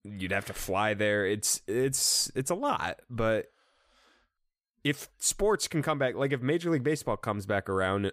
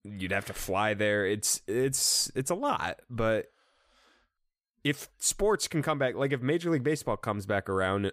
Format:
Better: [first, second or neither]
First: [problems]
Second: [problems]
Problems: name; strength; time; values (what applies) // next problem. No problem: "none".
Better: neither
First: none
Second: none